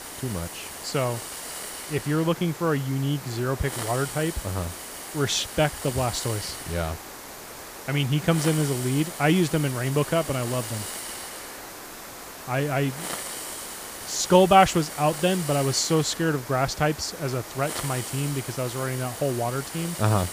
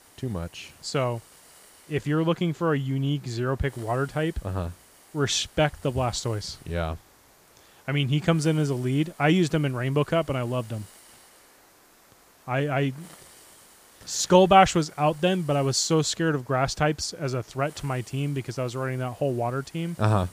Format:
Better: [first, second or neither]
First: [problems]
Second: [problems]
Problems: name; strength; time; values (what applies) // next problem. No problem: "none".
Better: second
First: hiss; loud; throughout; 9 dB below the speech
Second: hiss; faint; throughout; 25 dB below the speech